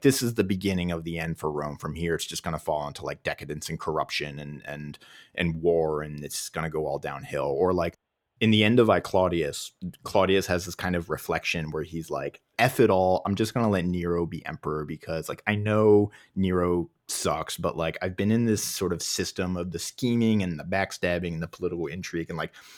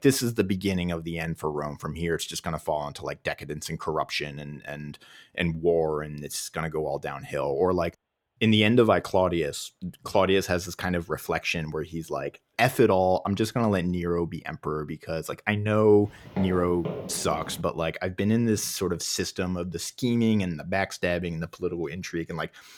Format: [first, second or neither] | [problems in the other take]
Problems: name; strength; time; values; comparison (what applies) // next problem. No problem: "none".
first | footsteps; noticeable; from 16 to 18 s; peak 8 dB below the speech